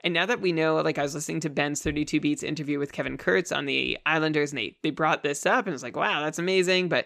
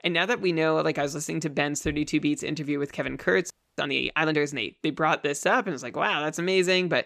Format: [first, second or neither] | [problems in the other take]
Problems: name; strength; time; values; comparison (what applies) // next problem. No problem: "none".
first | audio freezing; at 3.5 s